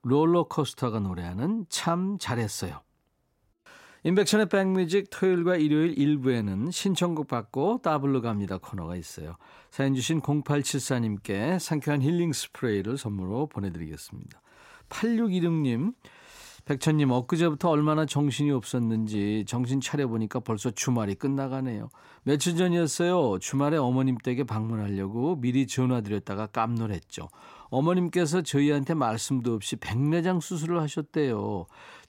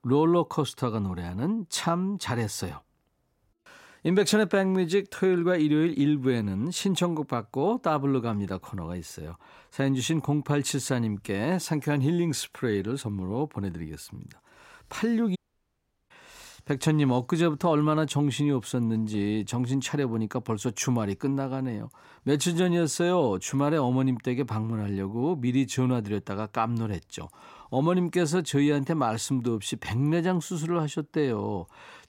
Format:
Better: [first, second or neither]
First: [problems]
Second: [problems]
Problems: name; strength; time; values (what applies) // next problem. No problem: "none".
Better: first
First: none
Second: audio cutting out; at 15 s for 0.5 s